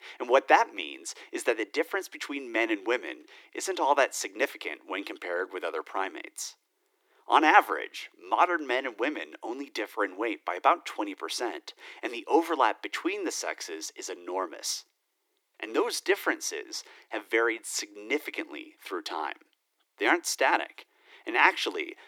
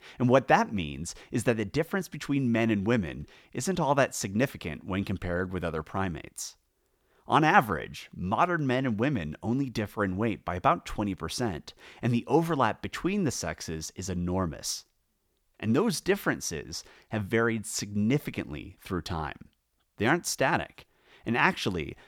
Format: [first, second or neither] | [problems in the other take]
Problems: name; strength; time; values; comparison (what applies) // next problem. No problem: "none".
second | thin; very; fading below 300 Hz